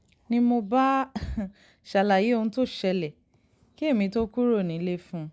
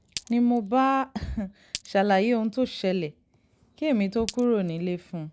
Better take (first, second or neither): first